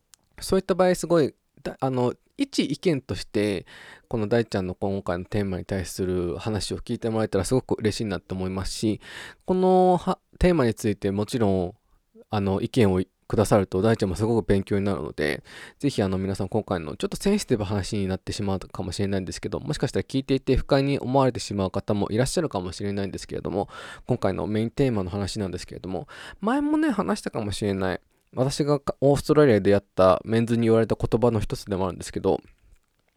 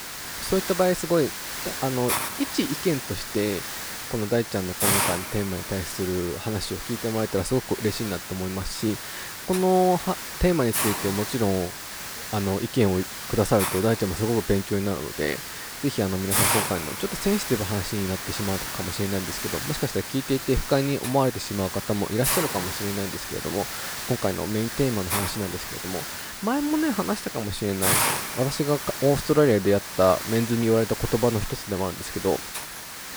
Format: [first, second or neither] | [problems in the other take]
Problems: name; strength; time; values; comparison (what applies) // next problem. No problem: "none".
first | hiss; loud; throughout; 3 dB below the speech